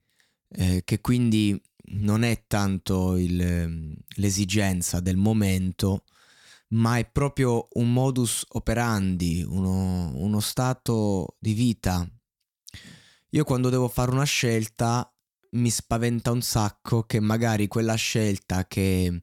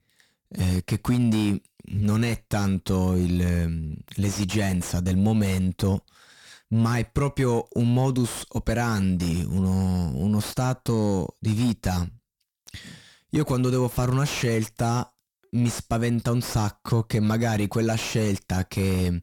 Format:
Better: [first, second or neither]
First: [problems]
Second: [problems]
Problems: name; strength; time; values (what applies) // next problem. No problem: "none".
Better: first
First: none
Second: distortion; slight; 10 dB below the speech